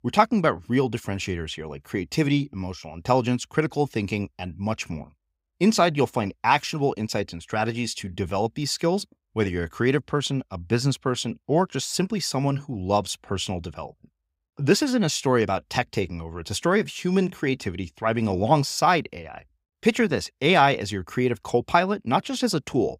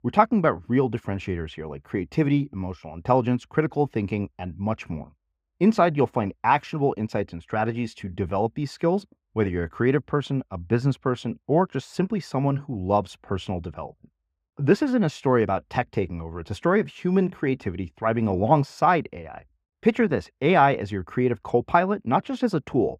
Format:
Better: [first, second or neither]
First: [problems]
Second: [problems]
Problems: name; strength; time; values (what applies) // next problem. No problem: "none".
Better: first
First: none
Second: muffled; very; fading above 3 kHz